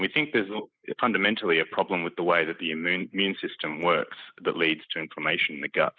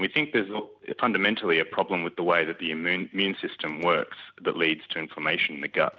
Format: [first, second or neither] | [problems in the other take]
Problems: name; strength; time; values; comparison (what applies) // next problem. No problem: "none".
second | noise reduction (neural mask model Resemble Enhance denoiser)